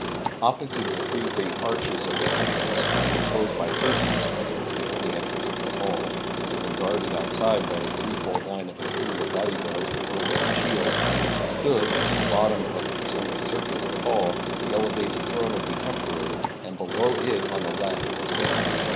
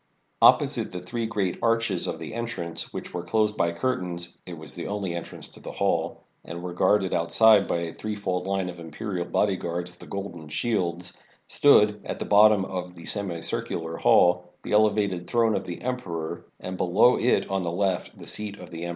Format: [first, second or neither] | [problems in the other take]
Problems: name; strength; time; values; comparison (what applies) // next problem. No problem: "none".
second | background sound (Engine); 3 dB above the speech